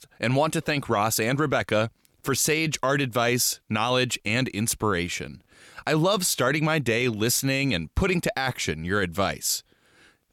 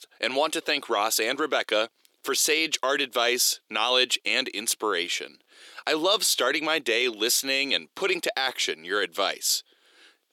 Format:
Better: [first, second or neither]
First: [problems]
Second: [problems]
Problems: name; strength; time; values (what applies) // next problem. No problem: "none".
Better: first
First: none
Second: thin; somewhat; fading below 350 Hz